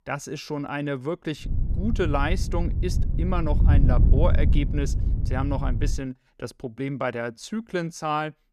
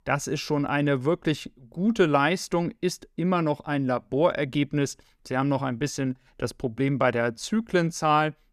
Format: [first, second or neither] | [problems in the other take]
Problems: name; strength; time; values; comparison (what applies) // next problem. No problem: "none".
second | wind noise on the microphone; heavy; from 1.5 to 6 s; 9 dB below the speech